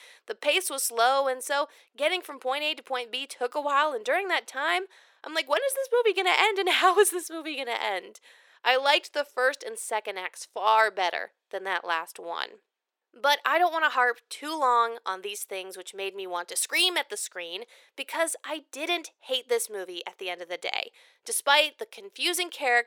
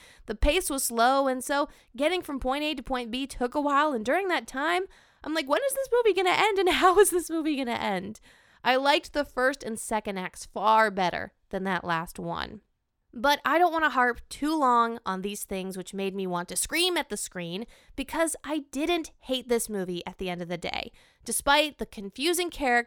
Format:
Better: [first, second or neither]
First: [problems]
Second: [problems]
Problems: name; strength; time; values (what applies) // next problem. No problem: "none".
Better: second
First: thin; very; fading below 450 Hz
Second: none